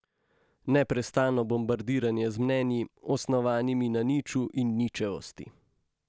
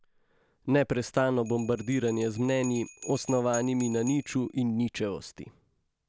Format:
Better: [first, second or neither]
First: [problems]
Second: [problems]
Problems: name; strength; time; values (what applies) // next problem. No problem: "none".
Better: first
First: none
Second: background sound (Bell); 19 dB below the speech